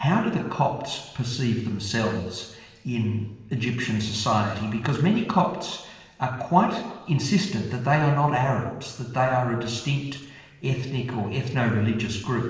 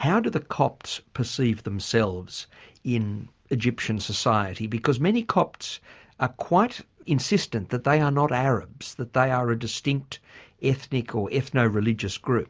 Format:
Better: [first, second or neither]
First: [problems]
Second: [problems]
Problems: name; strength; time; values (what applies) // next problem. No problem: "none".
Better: second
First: room echo; dies away in 1.1 s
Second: none